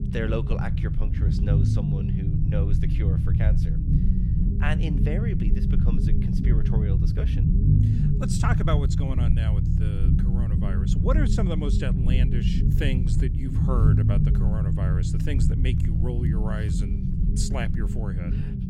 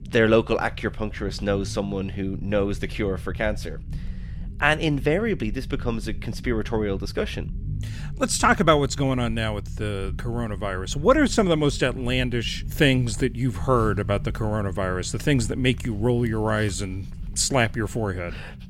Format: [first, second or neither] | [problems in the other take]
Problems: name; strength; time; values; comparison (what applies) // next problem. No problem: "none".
second | low rumble; loud; throughout; as loud as the speech; faint in the second